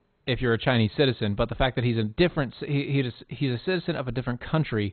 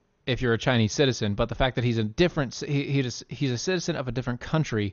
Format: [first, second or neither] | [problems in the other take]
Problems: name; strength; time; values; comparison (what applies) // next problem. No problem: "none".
second | garbled, watery; badly; nothing above 4 kHz; slightly in the second